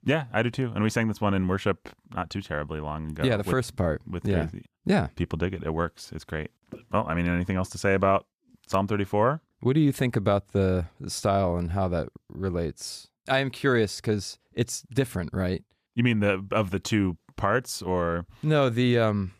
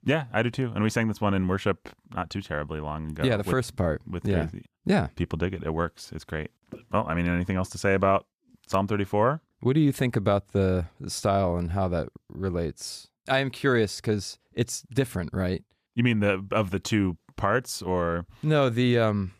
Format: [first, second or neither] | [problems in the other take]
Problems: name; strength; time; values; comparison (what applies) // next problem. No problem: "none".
neither | none